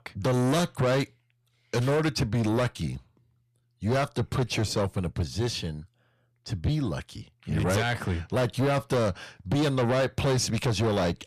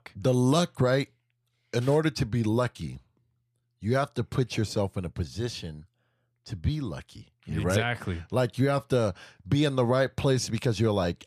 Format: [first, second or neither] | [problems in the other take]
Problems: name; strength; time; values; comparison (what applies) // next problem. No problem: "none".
second | distortion; heavy; 7 dB below the speech